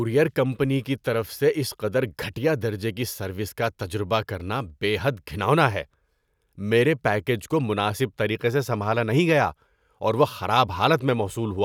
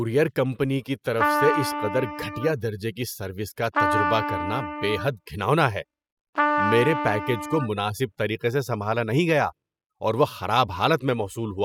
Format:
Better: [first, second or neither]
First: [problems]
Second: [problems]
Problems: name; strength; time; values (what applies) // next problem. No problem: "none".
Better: first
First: none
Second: noise reduction (classical method spectral subtraction)